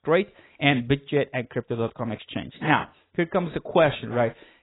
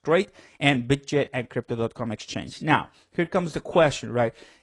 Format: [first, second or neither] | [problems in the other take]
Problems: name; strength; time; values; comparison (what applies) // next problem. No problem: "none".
second | garbled, watery; badly; nothing above 4 kHz; slightly in the second